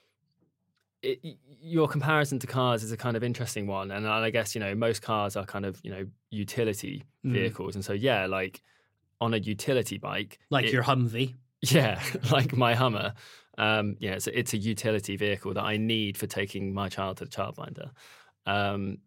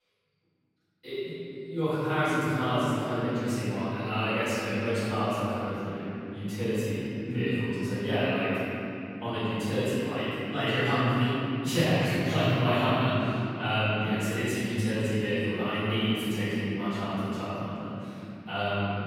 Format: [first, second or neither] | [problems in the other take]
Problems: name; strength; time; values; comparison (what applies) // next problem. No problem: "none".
first | off-mic speech; far // room echo; strong; dies away in 3 s